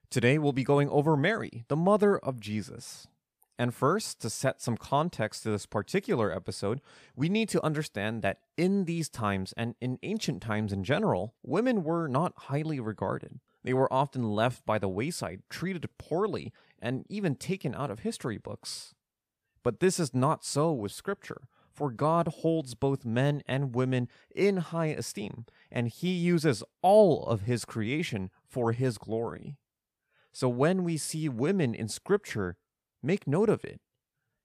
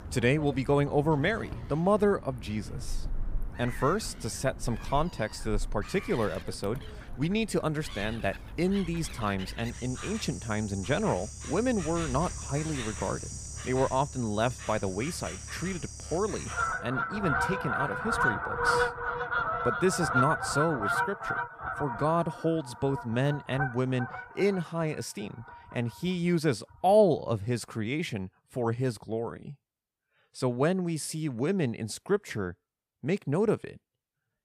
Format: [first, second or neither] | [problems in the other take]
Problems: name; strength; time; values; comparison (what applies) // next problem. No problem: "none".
first | animal sounds; loud; until 27 s; 5 dB below the speech